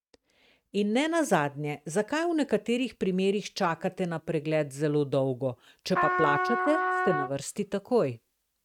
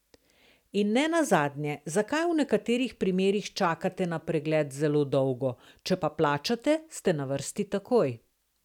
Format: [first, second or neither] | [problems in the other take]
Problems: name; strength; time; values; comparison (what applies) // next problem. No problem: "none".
second | noise reduction (neural mask model RNNoise)